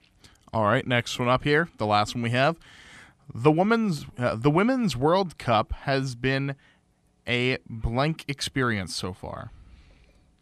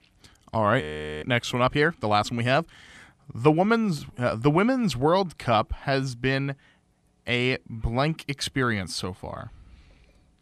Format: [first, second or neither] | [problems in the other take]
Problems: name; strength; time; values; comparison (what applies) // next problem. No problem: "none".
first | audio freezing; at 1 s